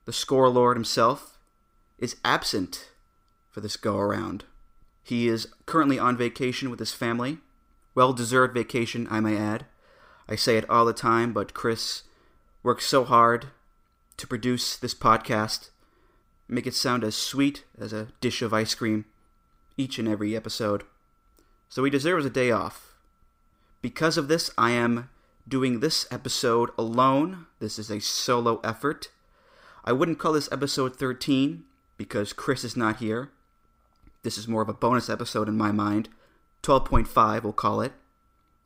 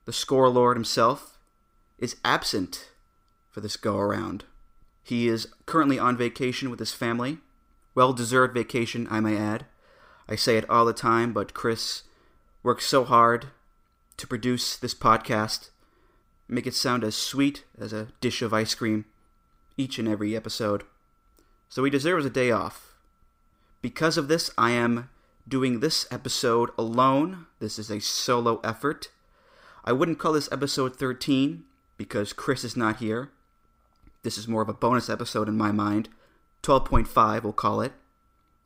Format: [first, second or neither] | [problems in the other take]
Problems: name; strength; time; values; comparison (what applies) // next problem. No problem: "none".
neither | none